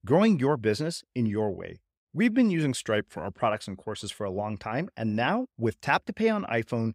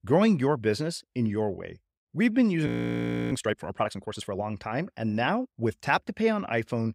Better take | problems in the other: first | audio freezing; at 2.5 s for 0.5 s

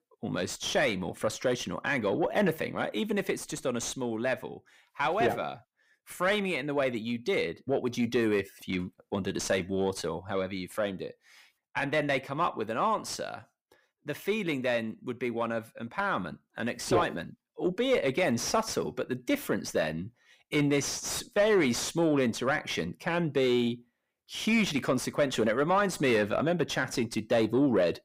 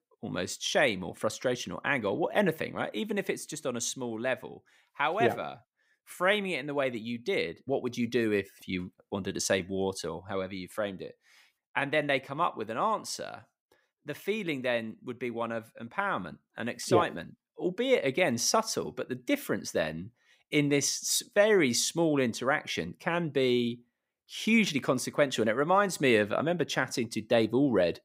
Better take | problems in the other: second | distortion; slight; 10 dB below the speech

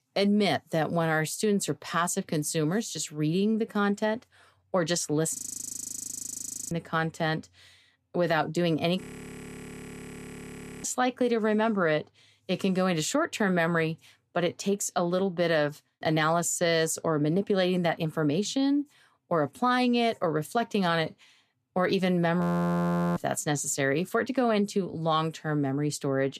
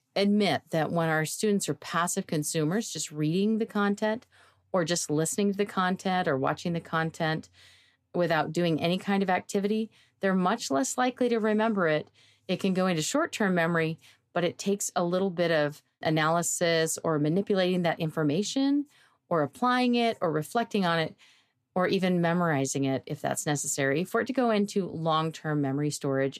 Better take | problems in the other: second | audio freezing; at 5.5 s for 1.5 s, at 9 s for 2 s and at 22 s for 1 s

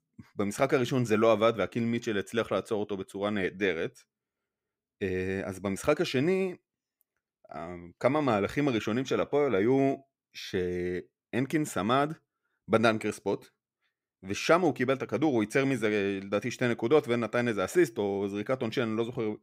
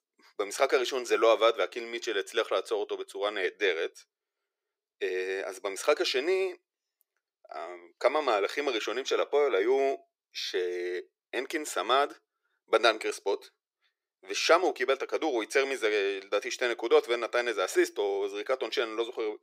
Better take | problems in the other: first | thin; very; fading below 350 Hz

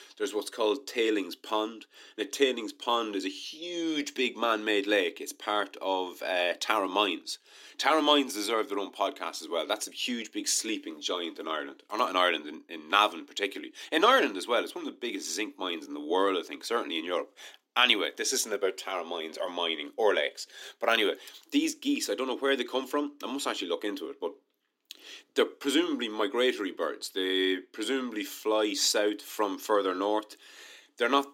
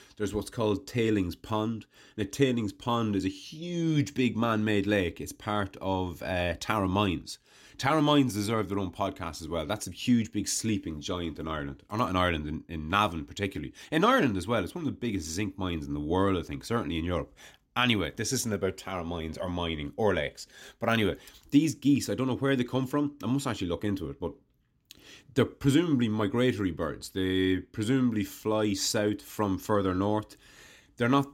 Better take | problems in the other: second | thin; somewhat; fading below 300 Hz

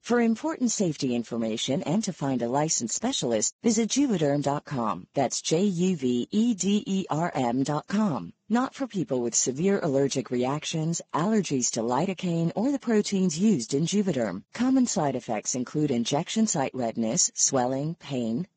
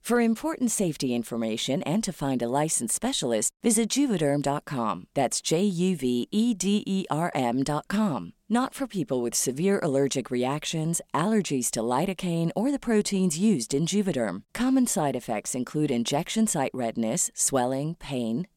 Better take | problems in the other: second | garbled, watery; badly; nothing above 7.5 kHz

